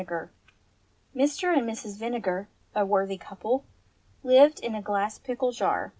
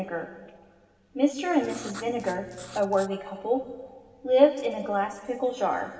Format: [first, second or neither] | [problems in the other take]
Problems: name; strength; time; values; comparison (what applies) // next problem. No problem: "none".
first | background sound (Writing); 17 dB below the speech // room echo; dies away in 2 s